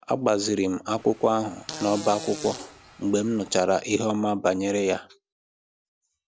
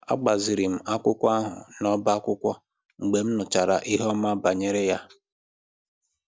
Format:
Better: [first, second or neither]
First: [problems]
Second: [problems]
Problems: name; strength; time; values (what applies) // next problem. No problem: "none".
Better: second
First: background sound (Fart); 14 dB below the speech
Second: none